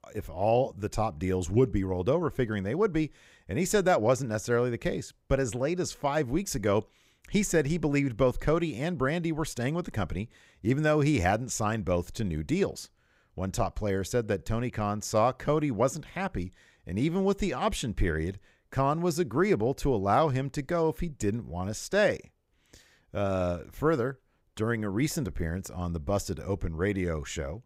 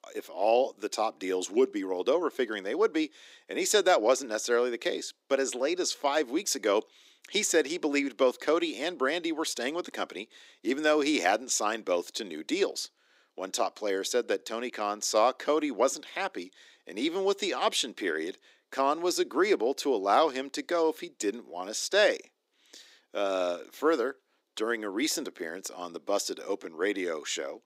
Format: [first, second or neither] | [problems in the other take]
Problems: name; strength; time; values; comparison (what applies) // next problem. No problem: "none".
first | thin; somewhat; fading below 300 Hz